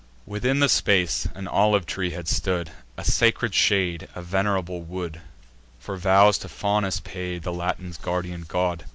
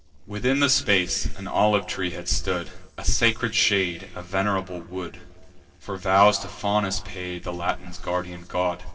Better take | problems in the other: first | noise reduction (neural separator model SepFormer DNS4)

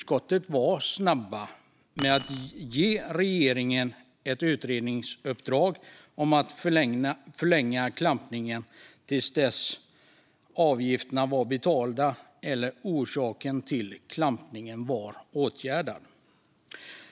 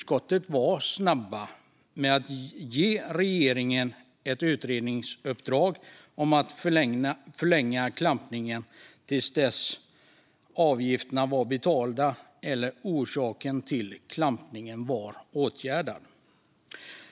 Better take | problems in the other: second | background sound (Keys jangling); 13 dB below the speech

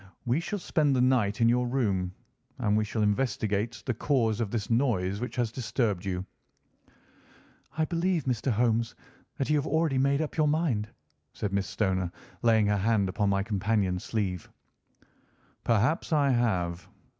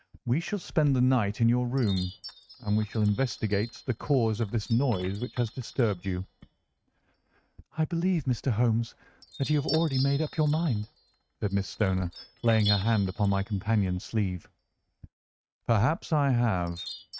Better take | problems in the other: first | noise reduction (neural mask model RNNoise)

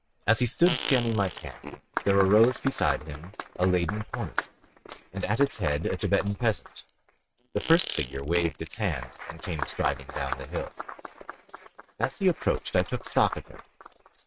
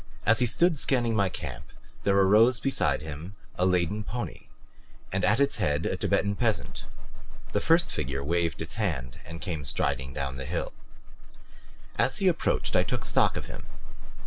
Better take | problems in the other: second | noise reduction (neural mask model RNNoise)

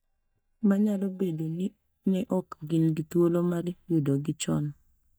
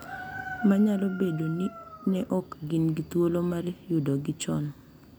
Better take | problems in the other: second | noise reduction (neural mask model DeepFilterNet 3)

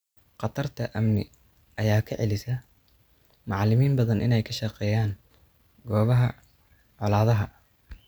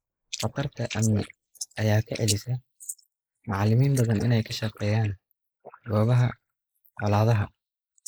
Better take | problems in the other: first | noise reduction (neural mask model Resemble Enhance denoiser)

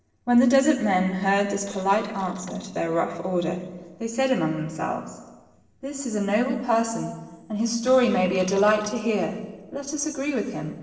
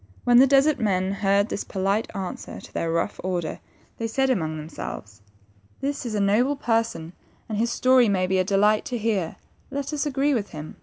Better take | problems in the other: second | noise reduction (neural separator model SepFormer DNS4)

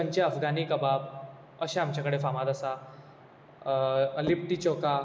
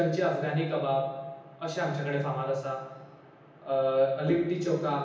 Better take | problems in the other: first | room echo; dies away in 0.9 s

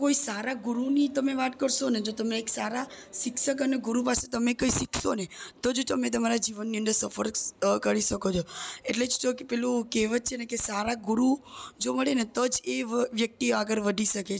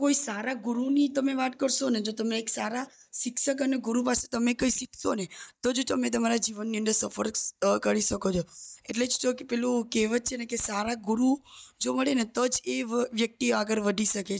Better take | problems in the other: first | noise reduction (neural mask model DeepFilterNet 3)

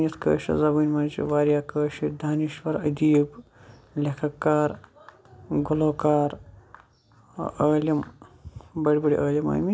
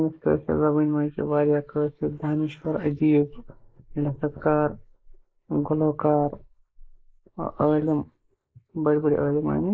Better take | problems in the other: first | noise reduction (neural mask model Resemble Enhance denoiser)

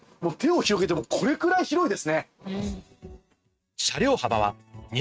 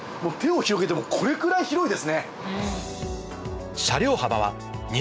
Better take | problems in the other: second | noise reduction (neural mask model RNNoise)

